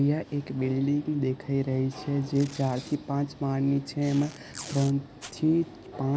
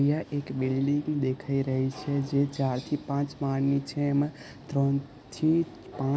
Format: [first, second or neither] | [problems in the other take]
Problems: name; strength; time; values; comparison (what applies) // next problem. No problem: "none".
second | background sound (Packing tape, duct tape); 19 dB below the speech